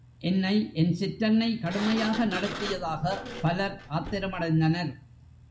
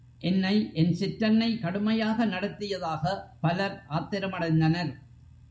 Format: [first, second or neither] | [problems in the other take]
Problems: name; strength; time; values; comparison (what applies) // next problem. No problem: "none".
second | background sound (Sliding door); 13 dB below the speech